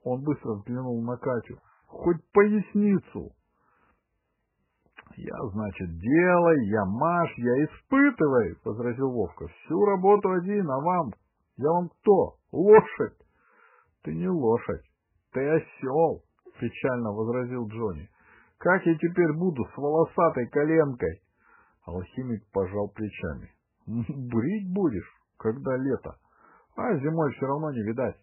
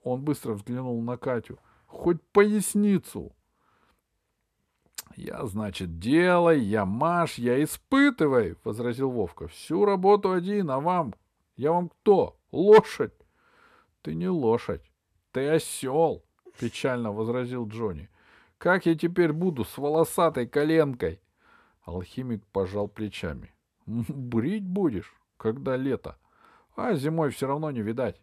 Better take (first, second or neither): second